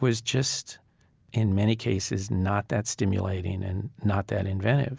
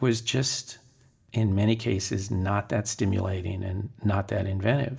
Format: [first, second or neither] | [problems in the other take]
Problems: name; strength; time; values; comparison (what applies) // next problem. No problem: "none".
first | room echo; dies away in 0.4 s